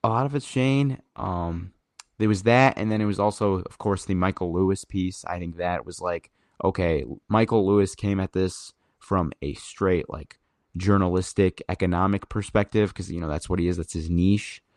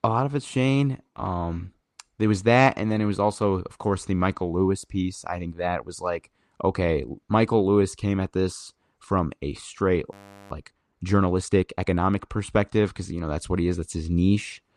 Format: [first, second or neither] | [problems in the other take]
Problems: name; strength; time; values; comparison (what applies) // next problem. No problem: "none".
first | audio freezing; at 10 s